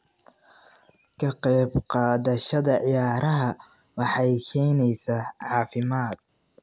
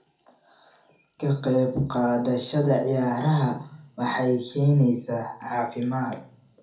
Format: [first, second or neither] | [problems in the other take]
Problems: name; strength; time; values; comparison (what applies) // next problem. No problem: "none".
first | room echo; dies away in 0.4 s